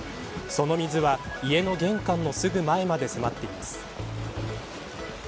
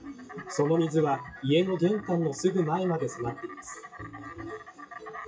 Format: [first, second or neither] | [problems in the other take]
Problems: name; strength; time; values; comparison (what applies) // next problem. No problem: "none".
first | noise reduction (classical method WPE with log-MMSE)